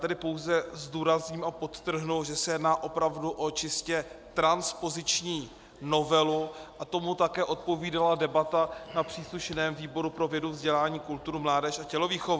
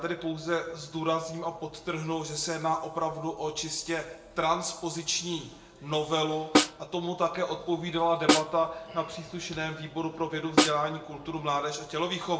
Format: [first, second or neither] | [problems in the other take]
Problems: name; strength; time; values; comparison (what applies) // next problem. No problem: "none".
first | background sound (Snare drum); 3 dB above the speech // room echo; dies away in 0.6 s